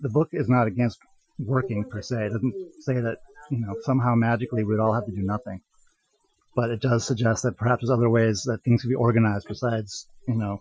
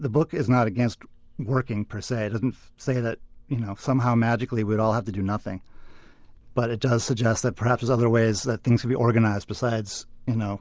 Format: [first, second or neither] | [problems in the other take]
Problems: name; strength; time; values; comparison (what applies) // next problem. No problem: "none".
second | noise reduction (classical method Wiener filter)